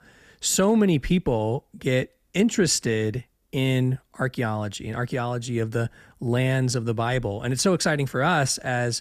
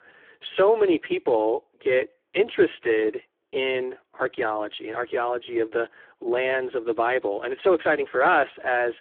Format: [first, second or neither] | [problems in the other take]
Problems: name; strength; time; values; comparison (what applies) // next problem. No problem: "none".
first | phone-call audio; poor line; nothing above 3.5 kHz